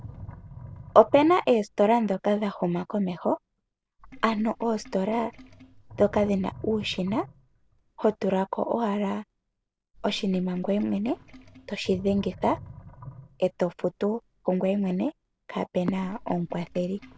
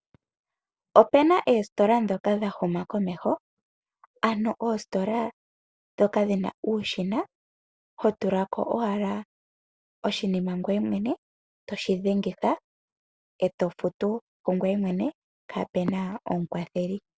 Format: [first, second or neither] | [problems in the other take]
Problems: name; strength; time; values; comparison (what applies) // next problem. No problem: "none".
second | background sound (Sink (filling or washing)); 20 dB below the speech